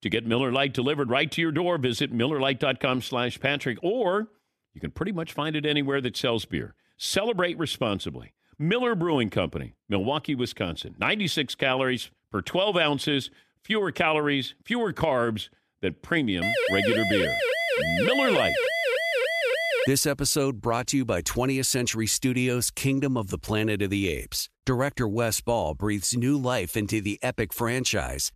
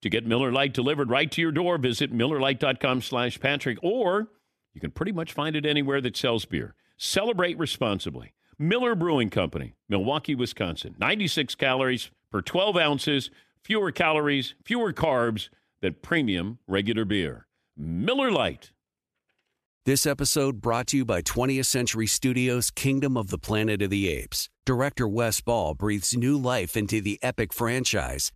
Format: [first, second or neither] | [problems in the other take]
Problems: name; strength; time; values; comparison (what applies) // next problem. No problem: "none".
second | siren; loud; from 16 to 20 s; peak 2 dB above the speech